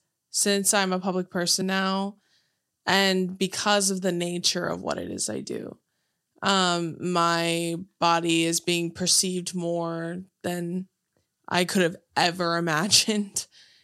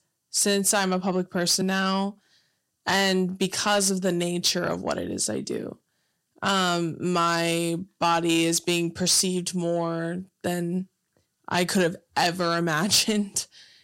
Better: first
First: none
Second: distortion; slight; 10 dB below the speech

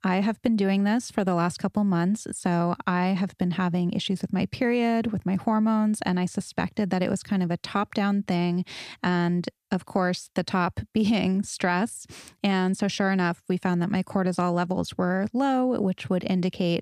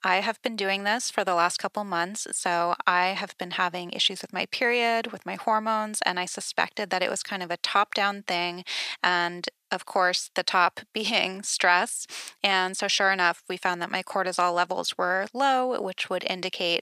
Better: first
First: none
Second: thin; very; fading below 650 Hz

